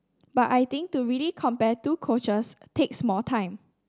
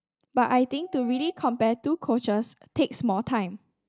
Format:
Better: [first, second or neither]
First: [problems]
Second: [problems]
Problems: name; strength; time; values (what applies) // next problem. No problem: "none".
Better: first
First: none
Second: noise reduction (neural mask model DeepFilterNet 3)